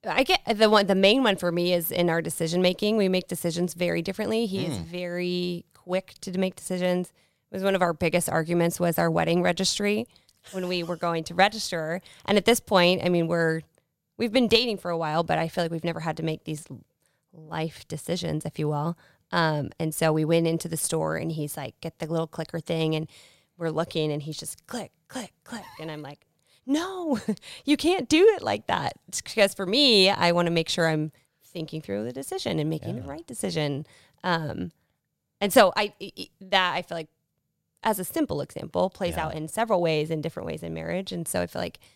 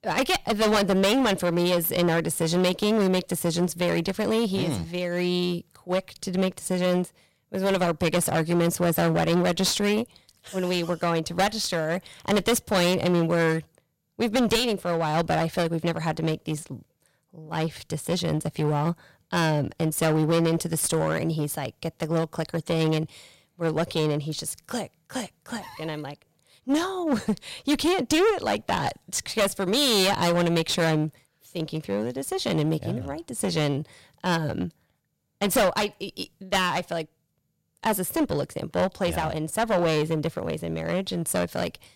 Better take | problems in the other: first | distortion; heavy; 12% of the sound clipped

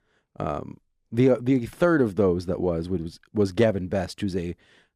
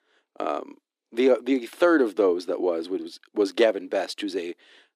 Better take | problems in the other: first | thin; very slightly; fading below 300 Hz

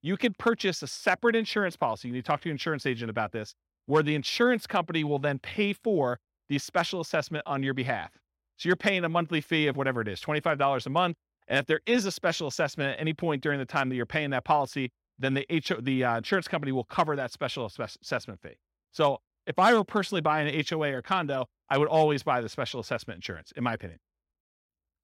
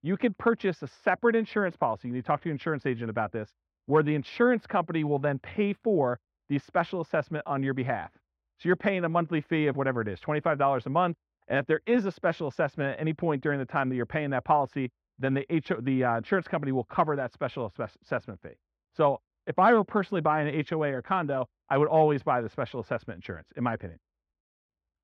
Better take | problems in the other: first | muffled; very; fading above 4 kHz

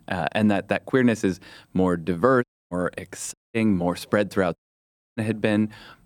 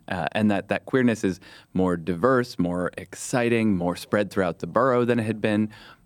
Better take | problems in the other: second | audio cutting out; at 2.5 s, at 3.5 s and at 4.5 s for 0.5 s

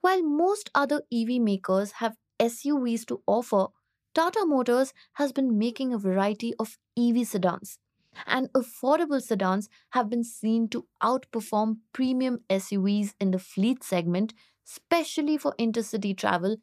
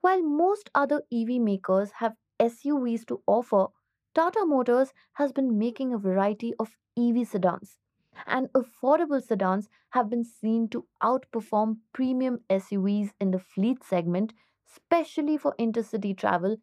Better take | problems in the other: first | muffled; slightly; fading above 3 kHz

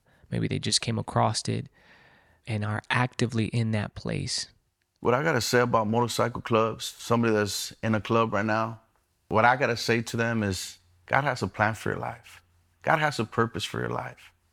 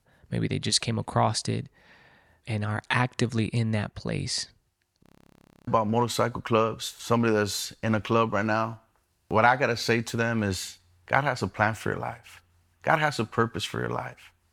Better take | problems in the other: first | audio freezing; at 5 s for 0.5 s

